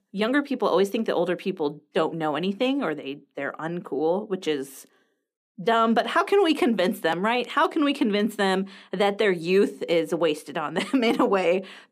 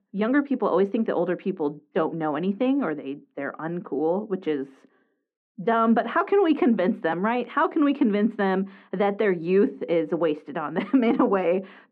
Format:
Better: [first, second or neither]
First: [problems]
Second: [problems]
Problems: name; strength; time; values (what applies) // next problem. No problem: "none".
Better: first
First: none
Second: muffled; very; fading above 1.5 kHz